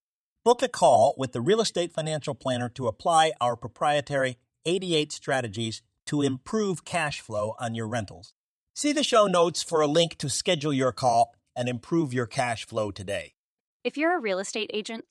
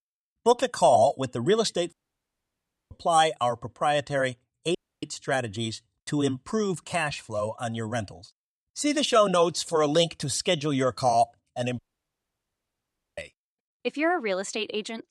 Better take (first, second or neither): first